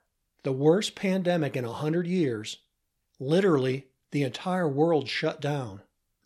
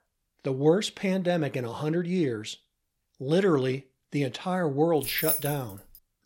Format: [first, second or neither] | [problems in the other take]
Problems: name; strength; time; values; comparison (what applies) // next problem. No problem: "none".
first | jangling keys; loud; at 5 s; peak 1 dB above the speech